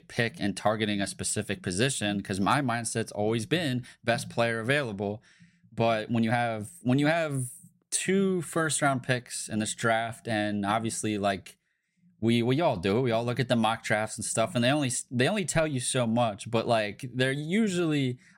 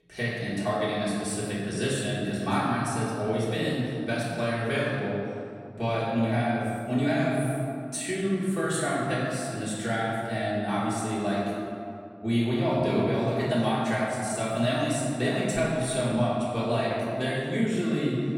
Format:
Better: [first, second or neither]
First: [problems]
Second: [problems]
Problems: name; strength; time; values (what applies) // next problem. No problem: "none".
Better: first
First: none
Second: off-mic speech; far // room echo; strong; dies away in 2.3 s